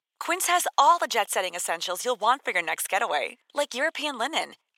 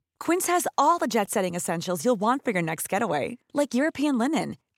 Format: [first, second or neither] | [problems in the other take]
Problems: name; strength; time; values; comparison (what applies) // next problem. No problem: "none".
second | thin; very; fading below 750 Hz